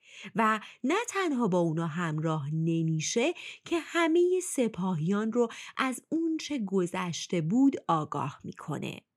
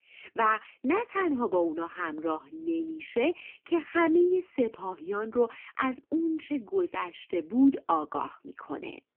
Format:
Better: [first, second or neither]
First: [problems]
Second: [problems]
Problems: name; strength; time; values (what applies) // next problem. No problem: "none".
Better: first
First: none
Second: phone-call audio; poor line; nothing above 3 kHz